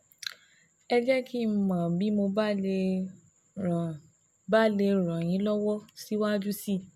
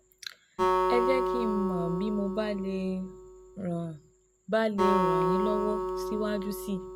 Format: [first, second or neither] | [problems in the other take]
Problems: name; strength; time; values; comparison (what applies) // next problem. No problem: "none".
first | background sound (Acoustic guitar); 1 dB above the speech